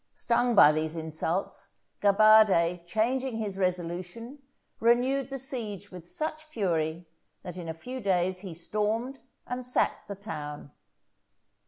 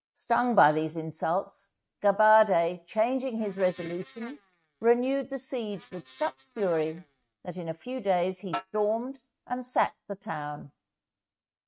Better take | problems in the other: first | noise reduction (neural mask model RNNoise)

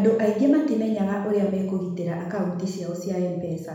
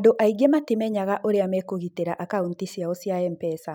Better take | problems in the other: second | room echo; dies away in 1 s

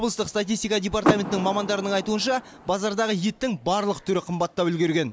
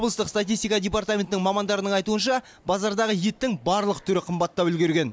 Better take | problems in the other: second | background sound (Door / Car); 5 dB below the speech

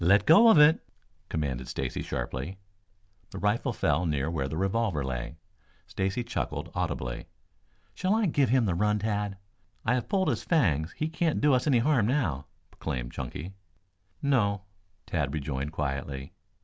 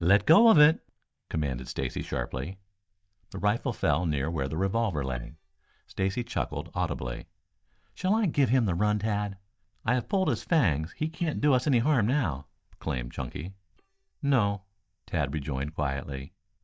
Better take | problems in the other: first | noise reduction (neural mask model DeepFilterNet 3)

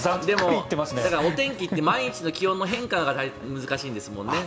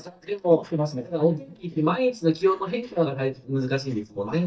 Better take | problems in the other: first | noise reduction (neural mask model DeepFilterNet 3)

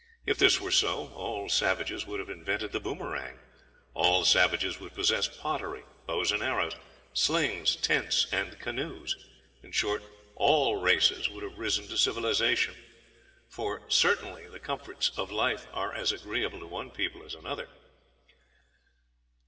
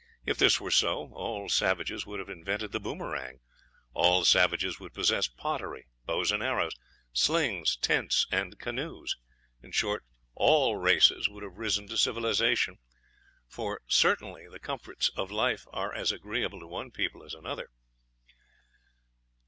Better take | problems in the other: second | room echo; dies away in 2.3 s

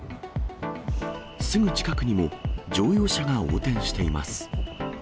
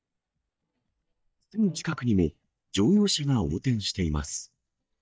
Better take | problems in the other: first | noise reduction (neural mask model DeepFilterNet 3)

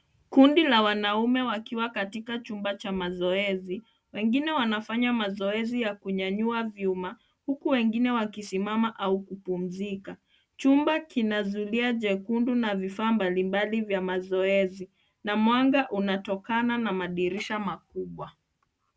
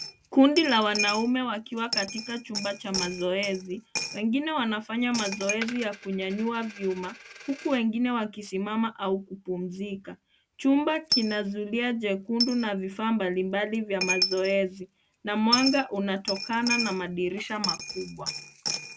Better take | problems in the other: first | background sound (Coin (dropping)); 7 dB below the speech

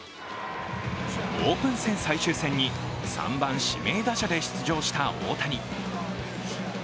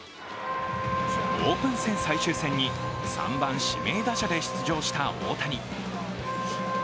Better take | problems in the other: first | background sound (Wind instrument, woodwind instrument); 4 dB below the speech

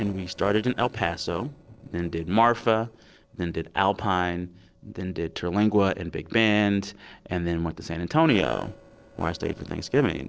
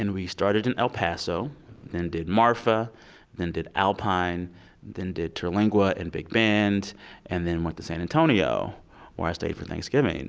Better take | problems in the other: second | noise reduction (neural separator model SepFormer DNS4)

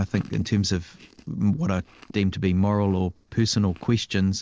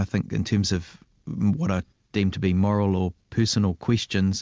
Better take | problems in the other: second | noise reduction (neural separator model SepFormer DNS4)

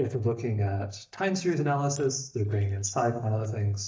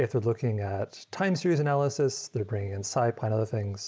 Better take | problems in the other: second | noise reduction (neural mask model DeepFilterNet 3)

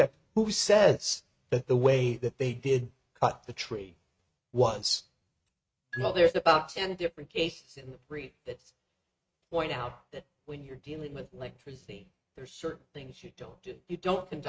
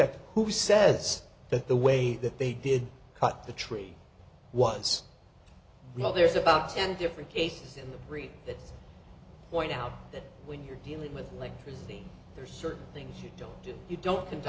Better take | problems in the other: second | noise reduction (neural mask model RNNoise)

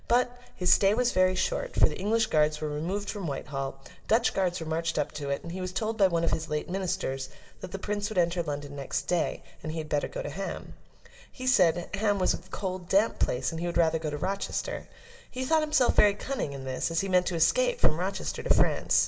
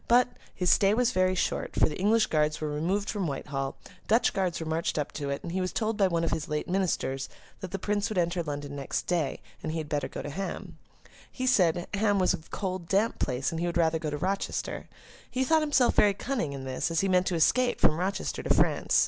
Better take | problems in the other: second | room echo; dies away in 0.9 s

